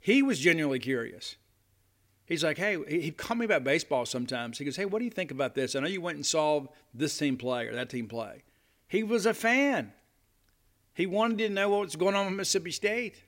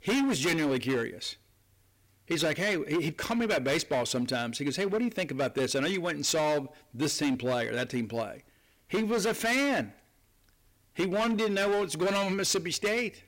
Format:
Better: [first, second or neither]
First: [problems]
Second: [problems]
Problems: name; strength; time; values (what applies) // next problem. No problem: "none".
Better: first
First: none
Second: distortion; heavy; 16% of the sound clipped